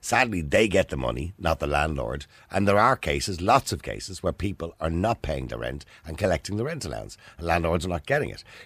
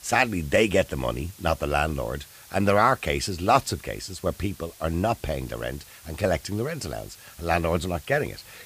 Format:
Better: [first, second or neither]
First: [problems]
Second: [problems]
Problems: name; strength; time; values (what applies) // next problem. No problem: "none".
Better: first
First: none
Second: hiss; faint; throughout; 20 dB below the speech